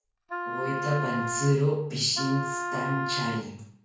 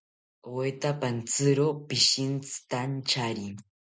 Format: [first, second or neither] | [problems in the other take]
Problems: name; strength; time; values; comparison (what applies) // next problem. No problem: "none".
second | background sound (Wind instrument, woodwind instrument); 5 dB below the speech // room echo; dies away in 0.5 s